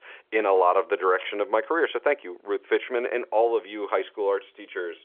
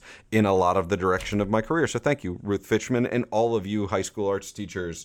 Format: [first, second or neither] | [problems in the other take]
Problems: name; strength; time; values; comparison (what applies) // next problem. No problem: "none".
second | phone-call audio; nothing above 3.5 kHz